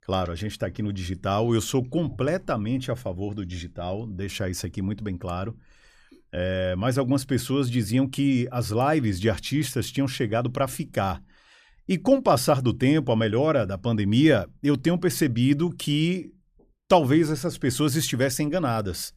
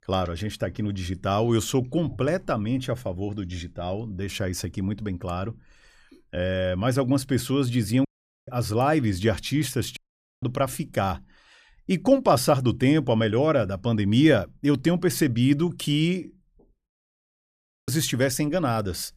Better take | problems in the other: first | audio cutting out; at 8 s, at 10 s and at 17 s for 1 s

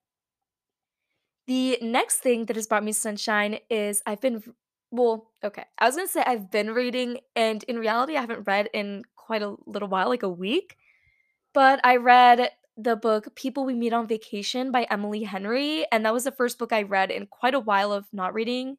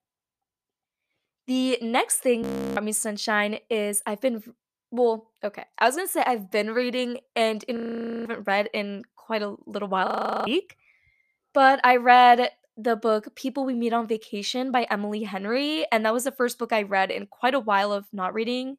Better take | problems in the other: first | audio freezing; at 2.5 s, at 8 s and at 10 s

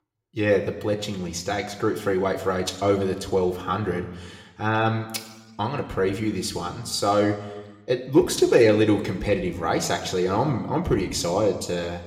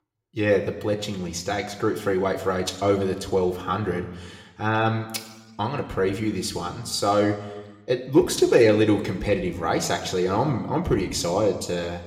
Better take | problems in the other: neither | room echo; slight; dies away in 1 s; the same in both

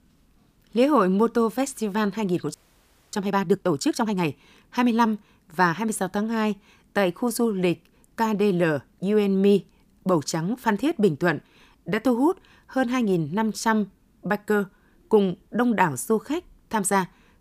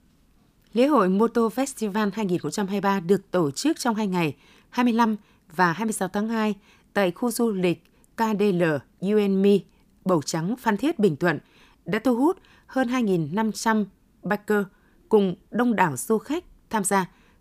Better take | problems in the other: second | audio freezing; at 2.5 s for 0.5 s

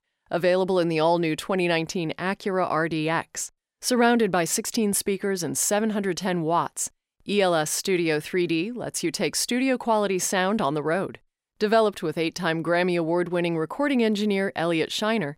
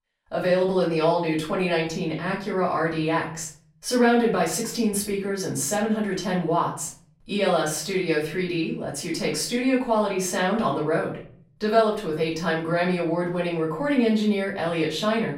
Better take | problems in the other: first | off-mic speech; far // room echo; slight; dies away in 0.5 s

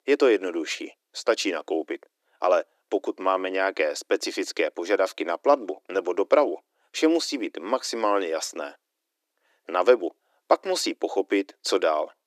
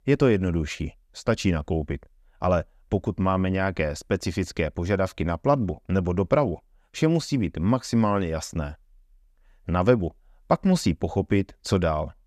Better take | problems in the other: second | thin; very; fading below 300 Hz

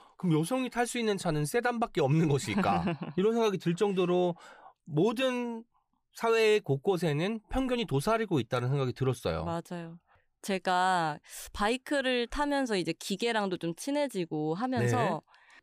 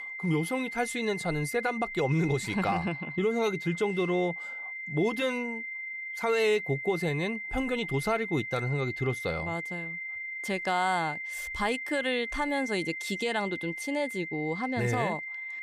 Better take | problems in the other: first | high-pitched whine; loud; throughout; 2 kHz, 5 dB below the speech

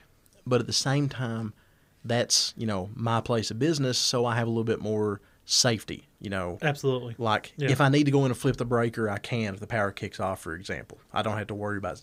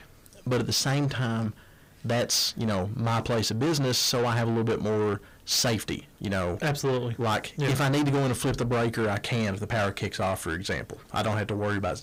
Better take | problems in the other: first | distortion; heavy; 7 dB below the speech

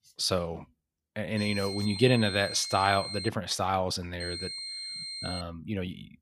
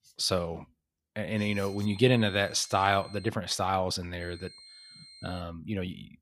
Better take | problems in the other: second | high-pitched whine; loud; from 1.5 to 3.5 s and from 4 to 5.5 s; 4 kHz, 7 dB below the speech; faint in the second

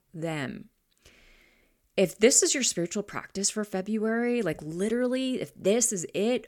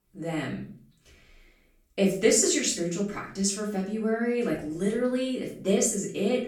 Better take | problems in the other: first | off-mic speech; far // room echo; slight; dies away in 0.4 s

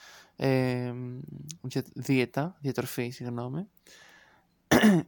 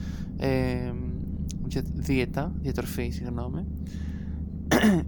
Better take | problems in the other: first | low rumble; noticeable; throughout; 15 dB below the speech

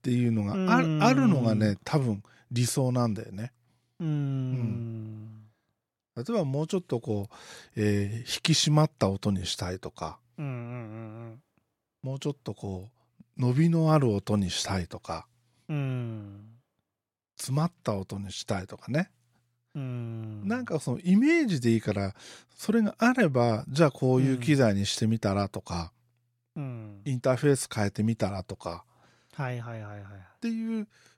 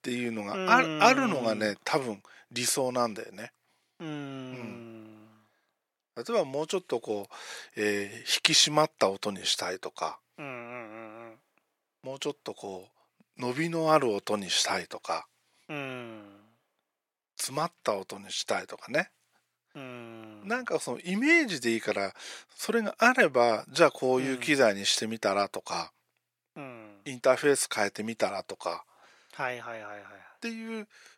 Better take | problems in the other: first | thin; somewhat; fading below 450 Hz

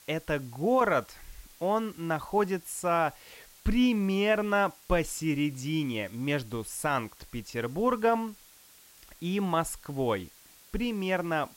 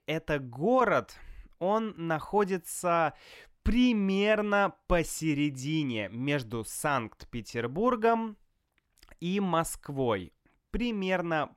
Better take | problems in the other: second | hiss; faint; throughout; 25 dB below the speech

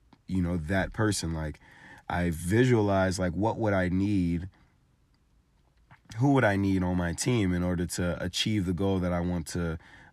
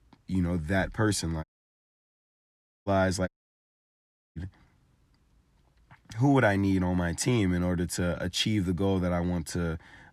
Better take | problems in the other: first | audio cutting out; at 1.5 s for 1.5 s and at 3.5 s for 1 s

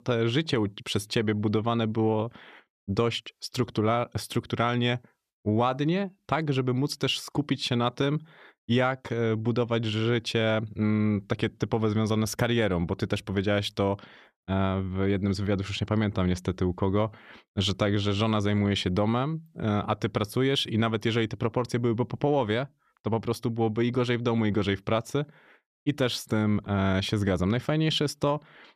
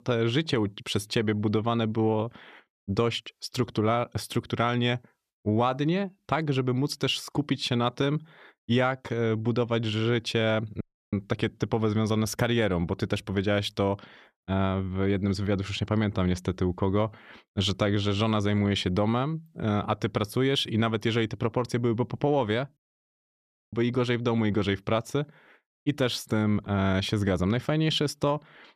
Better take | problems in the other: first | audio cutting out; at 11 s and at 23 s for 1 s

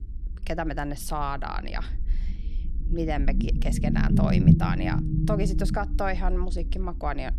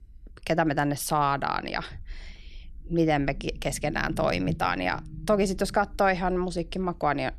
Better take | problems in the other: second | low rumble; loud; throughout; 2 dB below the speech; faint in the second

